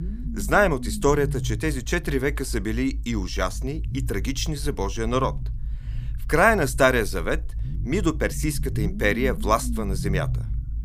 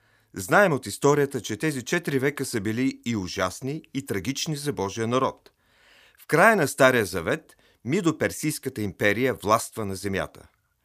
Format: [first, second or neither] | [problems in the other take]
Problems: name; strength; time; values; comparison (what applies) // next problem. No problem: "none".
second | low rumble; faint; throughout; 20 dB below the speech